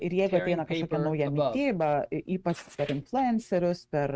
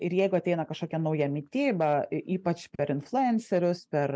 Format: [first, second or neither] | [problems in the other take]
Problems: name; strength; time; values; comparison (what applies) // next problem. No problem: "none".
second | noise reduction (neural mask model RNNoise)